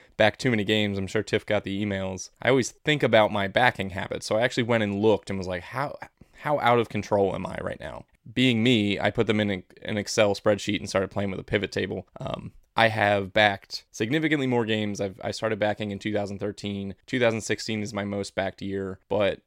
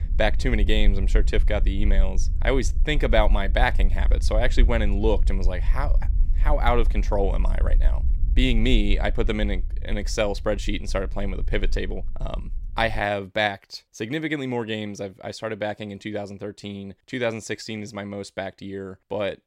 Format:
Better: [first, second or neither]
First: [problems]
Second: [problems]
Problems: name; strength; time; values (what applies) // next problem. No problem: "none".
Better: first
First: none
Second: low rumble; faint; until 13 s; 20 dB below the speech